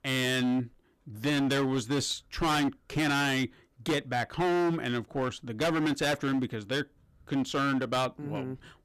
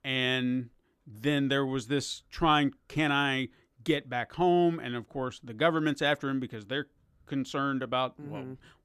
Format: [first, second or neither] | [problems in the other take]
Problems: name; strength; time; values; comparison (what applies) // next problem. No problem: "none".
second | distortion; heavy; 18% of the sound clipped